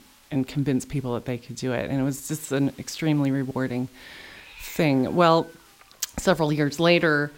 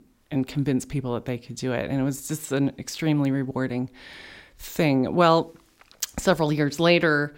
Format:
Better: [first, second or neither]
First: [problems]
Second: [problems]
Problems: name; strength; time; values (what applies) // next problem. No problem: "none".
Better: second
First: hiss; faint; throughout; 25 dB below the speech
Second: none